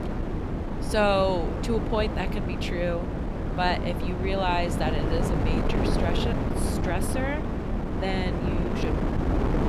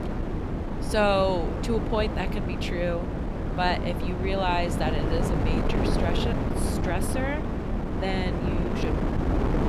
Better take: neither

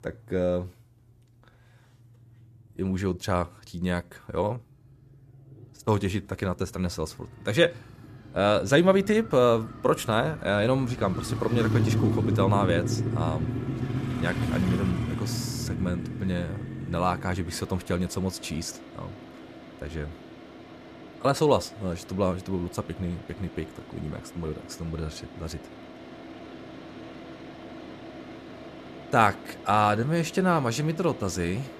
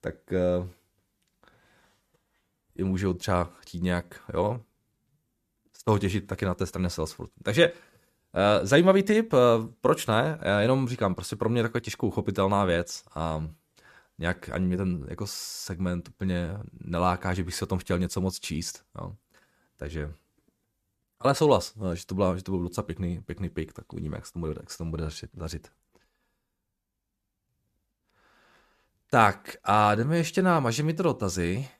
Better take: second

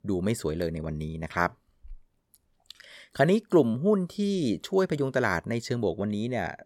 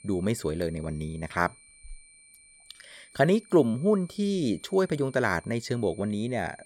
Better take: first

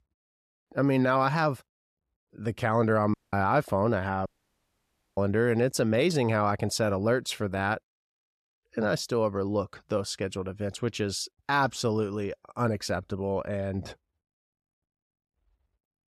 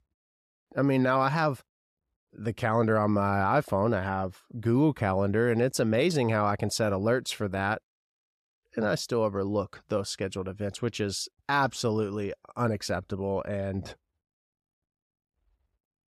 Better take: second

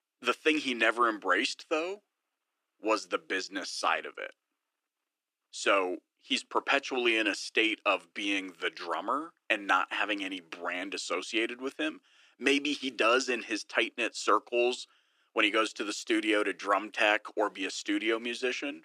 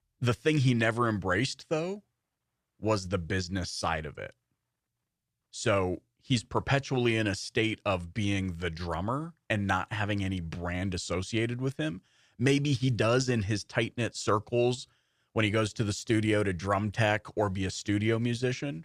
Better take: second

